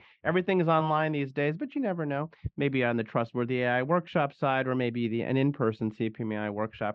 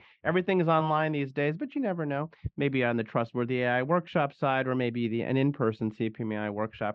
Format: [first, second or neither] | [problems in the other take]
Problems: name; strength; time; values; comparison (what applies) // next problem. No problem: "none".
neither | muffled; very; fading above 3 kHz; the same in both